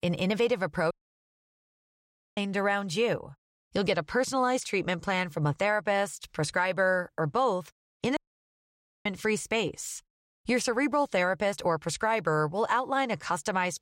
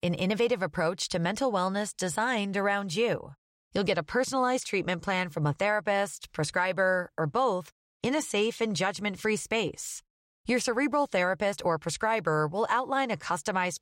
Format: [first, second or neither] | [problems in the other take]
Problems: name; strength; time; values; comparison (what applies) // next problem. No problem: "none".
second | audio cutting out; at 1 s for 1.5 s and at 8 s for 1 s